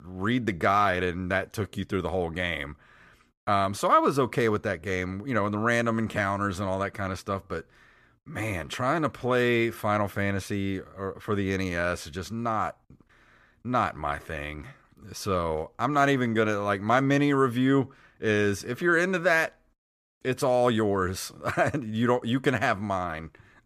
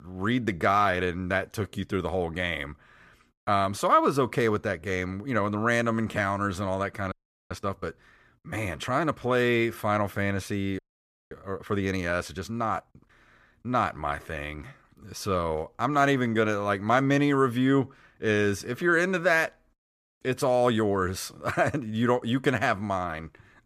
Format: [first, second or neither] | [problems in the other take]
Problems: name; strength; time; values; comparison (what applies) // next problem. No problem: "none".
first | audio freezing; at 7 s and at 11 s for 0.5 s